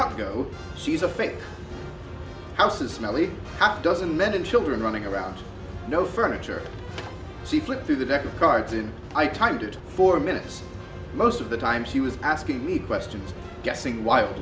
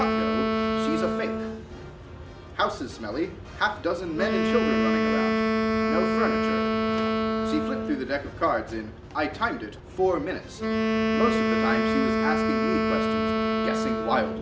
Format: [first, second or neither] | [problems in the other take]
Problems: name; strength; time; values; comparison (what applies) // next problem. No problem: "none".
first | background sound (Wind instrument, woodwind instrument); 4 dB above the speech